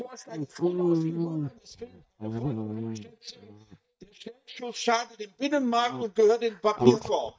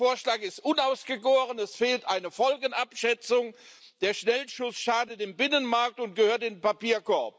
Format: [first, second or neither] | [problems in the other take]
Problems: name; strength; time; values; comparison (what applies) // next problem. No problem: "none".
second | noise reduction (neural mask model DeepFilterNet 3)